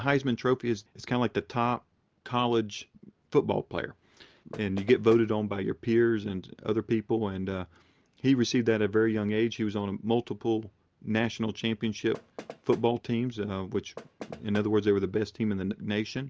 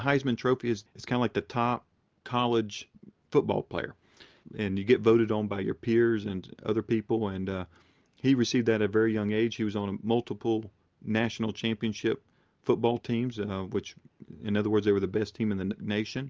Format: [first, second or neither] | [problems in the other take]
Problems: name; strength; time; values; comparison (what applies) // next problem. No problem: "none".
second | background sound (Knock); 17 dB below the speech